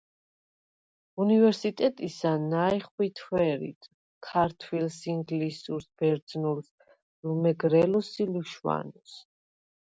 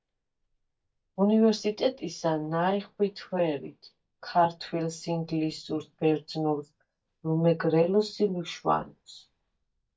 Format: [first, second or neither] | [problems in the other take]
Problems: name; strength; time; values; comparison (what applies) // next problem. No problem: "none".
first | noise reduction (neural mask model DeepFilterNet 3)